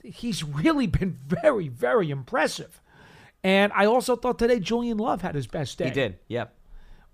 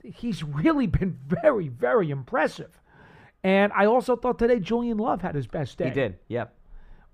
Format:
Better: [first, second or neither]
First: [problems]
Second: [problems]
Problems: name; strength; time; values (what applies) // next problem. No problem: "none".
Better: first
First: none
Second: muffled; slightly; fading above 3 kHz